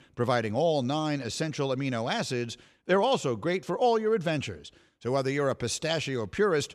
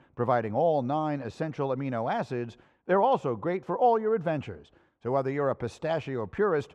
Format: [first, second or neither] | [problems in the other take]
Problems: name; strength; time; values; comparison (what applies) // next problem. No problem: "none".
first | muffled; very; fading above 3 kHz